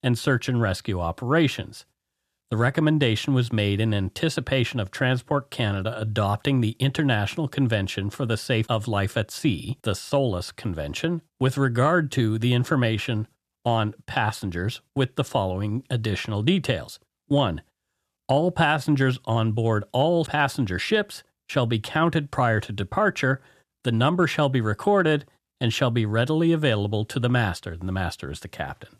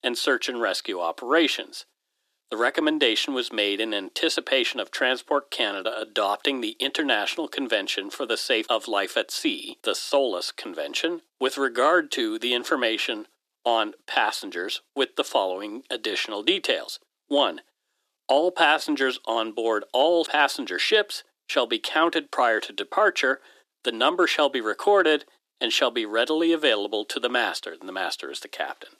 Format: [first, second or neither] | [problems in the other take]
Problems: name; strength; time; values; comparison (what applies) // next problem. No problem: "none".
first | thin; very; fading below 300 Hz